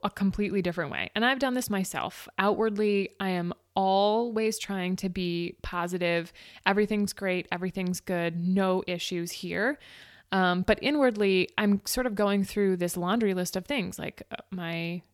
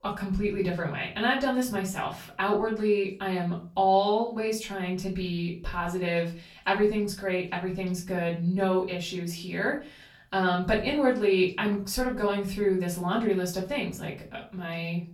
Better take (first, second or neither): first